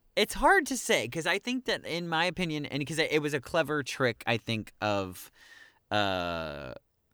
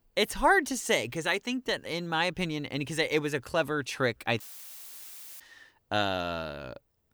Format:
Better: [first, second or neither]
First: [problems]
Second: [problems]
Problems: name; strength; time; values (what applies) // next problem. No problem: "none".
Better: first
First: none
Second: audio cutting out; filled with static; at 4.5 s for 1 s